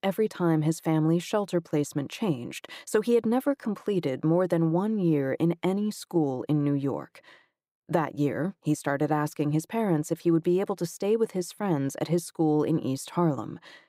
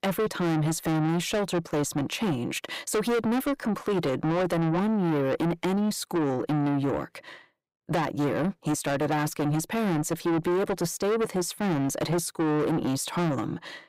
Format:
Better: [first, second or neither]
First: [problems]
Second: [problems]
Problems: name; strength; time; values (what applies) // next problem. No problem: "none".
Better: first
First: none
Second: distortion; heavy; 6 dB below the speech